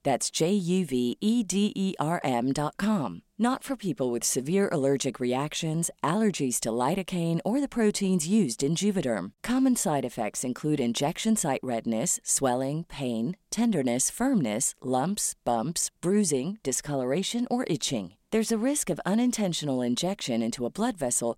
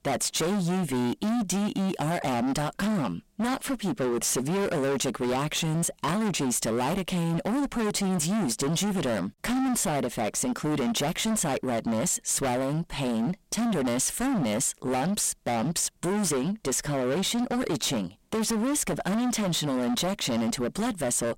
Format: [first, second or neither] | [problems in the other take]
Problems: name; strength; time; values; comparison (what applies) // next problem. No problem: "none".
first | distortion; heavy; 38% of the sound clipped